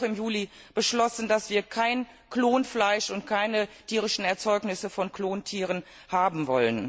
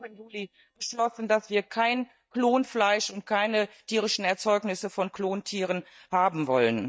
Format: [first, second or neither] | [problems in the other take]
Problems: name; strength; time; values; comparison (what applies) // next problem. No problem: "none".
first | noise reduction (neural mask model DeepFilterNet 3)